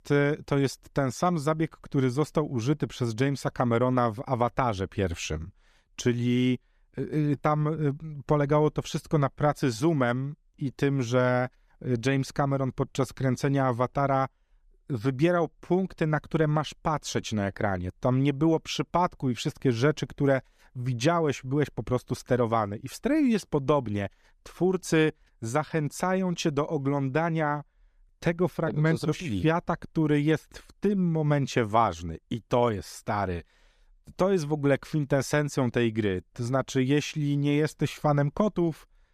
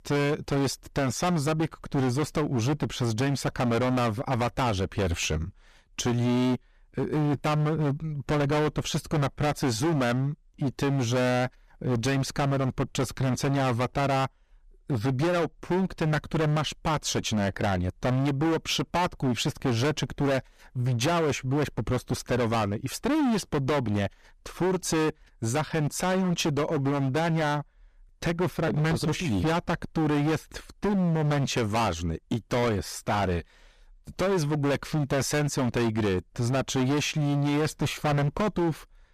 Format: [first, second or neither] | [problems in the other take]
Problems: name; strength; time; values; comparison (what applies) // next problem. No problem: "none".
first | distortion; heavy; 24% of the sound clipped